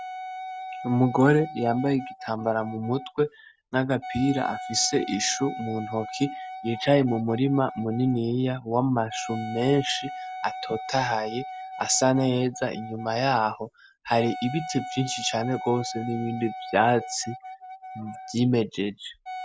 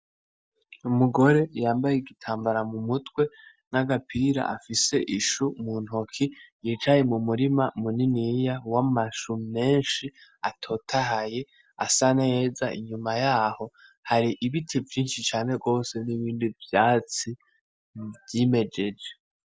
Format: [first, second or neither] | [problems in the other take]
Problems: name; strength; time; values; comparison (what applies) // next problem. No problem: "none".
second | background sound (Wind instrument, woodwind instrument); 12 dB below the speech